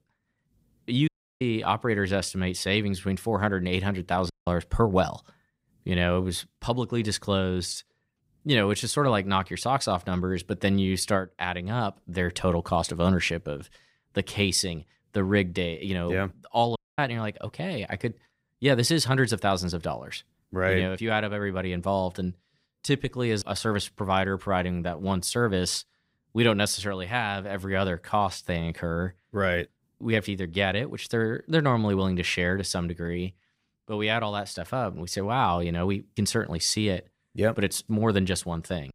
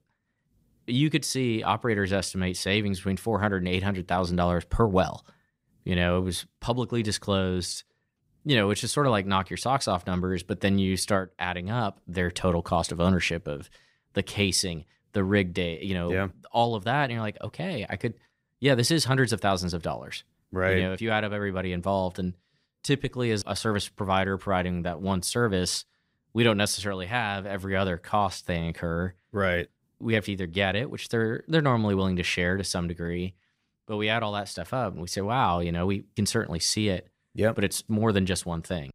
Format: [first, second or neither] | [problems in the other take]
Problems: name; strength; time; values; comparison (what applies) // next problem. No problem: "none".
second | audio cutting out; at 1 s, at 4.5 s and at 17 s